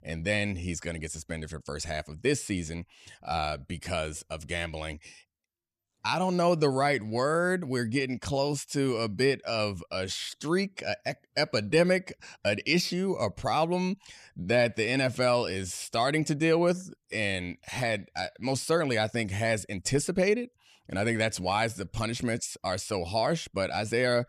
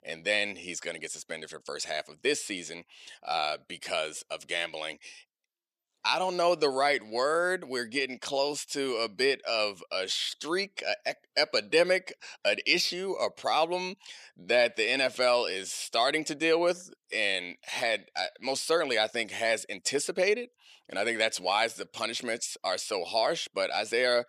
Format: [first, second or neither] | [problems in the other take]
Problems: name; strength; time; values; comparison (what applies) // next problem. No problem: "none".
first | thin; somewhat; fading below 450 Hz